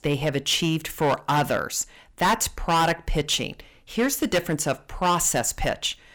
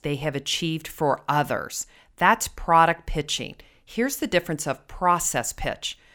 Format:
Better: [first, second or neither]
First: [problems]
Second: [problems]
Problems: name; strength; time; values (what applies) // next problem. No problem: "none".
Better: second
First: distortion; heavy; 8% of the sound clipped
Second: none